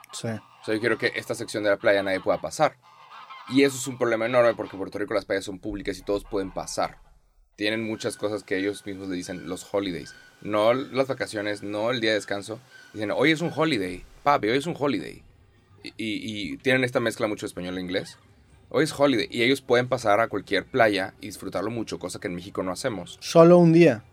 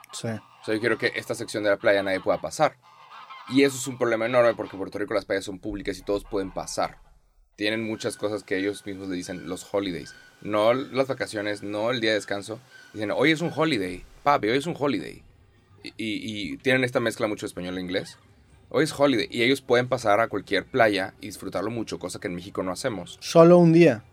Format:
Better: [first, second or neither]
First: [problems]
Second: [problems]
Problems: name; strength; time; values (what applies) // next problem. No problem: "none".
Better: neither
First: animal sounds; faint; throughout; 25 dB below the speech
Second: animal sounds; faint; throughout; 25 dB below the speech